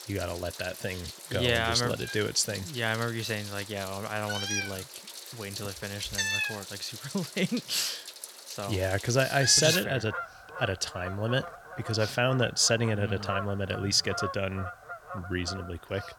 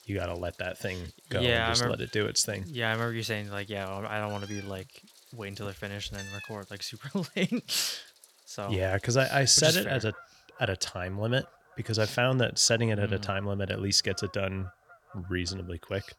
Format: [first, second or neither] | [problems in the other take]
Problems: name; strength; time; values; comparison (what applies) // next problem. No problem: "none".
second | animal sounds; loud; throughout; 9 dB below the speech; faint in the second